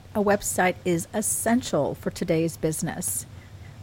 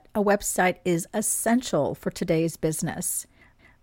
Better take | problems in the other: second | hiss; noticeable; throughout; 20 dB below the speech

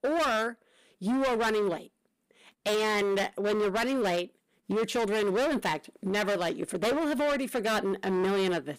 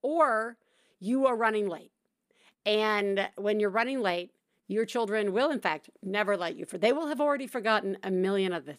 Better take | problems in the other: second | distortion; heavy; 24% of the sound clipped

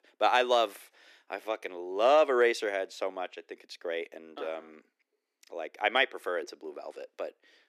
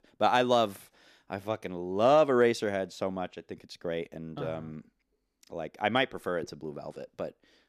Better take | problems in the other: second | thin; somewhat; fading below 350 Hz

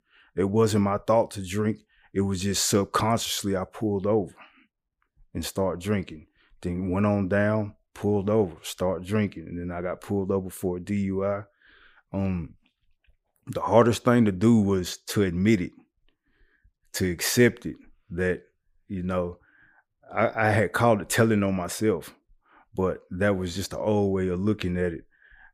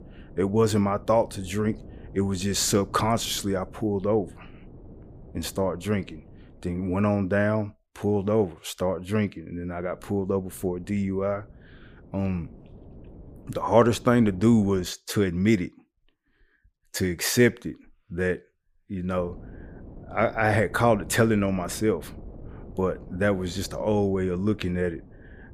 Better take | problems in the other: first | wind noise on the microphone; occasional gusts; until 7.5 s, from 10 to 15 s and from 19 s on; 25 dB below the speech

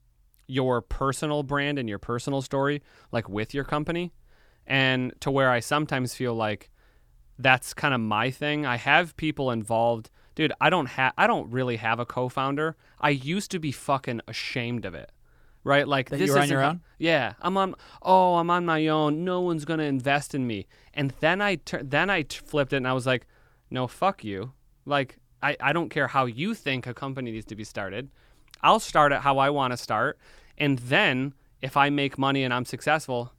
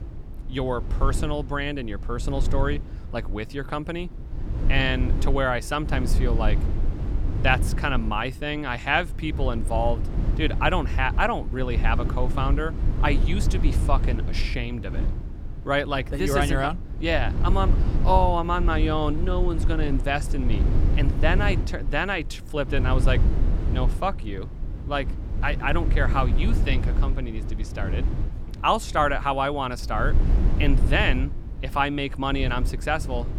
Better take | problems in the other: first | low rumble; noticeable; throughout; 15 dB below the speech

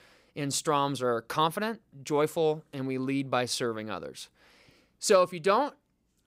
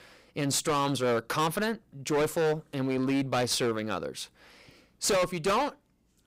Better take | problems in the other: first | distortion; heavy; 15% of the sound clipped

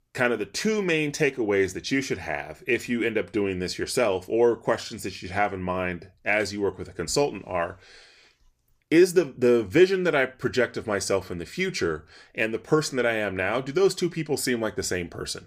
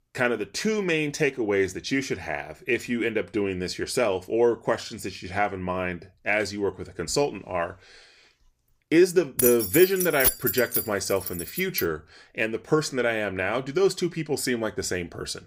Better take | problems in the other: first | jangling keys; loud; from 9.5 to 12 s; peak 4 dB above the speech

